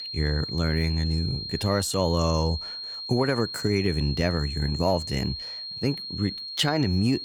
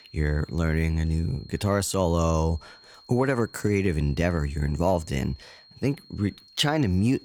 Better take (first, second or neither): second